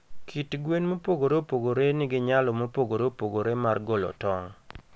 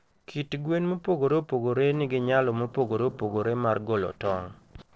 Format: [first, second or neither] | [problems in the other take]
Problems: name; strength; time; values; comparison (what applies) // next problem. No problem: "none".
first | noise reduction (neural separator model SepFormer DNS4)